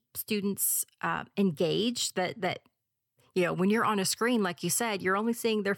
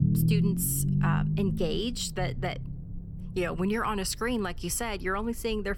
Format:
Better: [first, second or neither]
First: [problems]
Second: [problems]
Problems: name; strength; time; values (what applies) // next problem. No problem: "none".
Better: first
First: none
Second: low rumble; loud; throughout; 8 dB below the speech